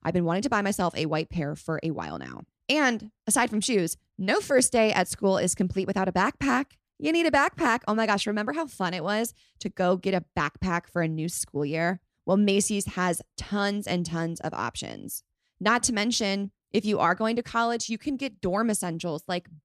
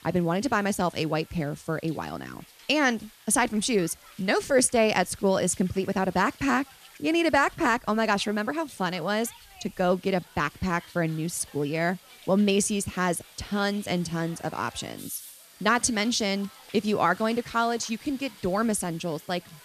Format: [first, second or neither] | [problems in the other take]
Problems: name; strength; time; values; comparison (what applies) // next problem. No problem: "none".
first | hiss; faint; throughout; 20 dB below the speech